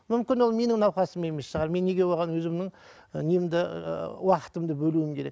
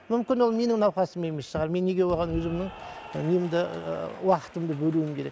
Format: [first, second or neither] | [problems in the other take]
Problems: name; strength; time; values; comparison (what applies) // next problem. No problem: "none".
first | background sound (Applause / Cheering); 18 dB below the speech